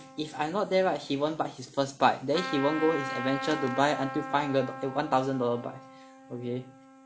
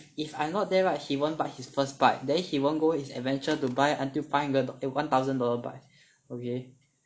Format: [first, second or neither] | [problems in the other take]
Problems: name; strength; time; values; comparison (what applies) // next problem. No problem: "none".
second | background sound (Trumpet); 10 dB below the speech